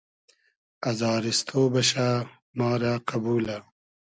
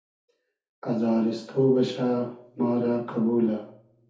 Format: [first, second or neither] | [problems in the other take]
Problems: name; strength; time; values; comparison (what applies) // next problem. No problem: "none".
first | room echo; dies away in 0.5 s